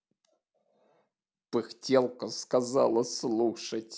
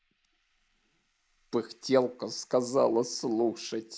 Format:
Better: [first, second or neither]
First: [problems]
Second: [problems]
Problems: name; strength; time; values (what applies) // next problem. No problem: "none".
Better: first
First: none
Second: noise reduction (neural mask model Resemble Enhance denoiser)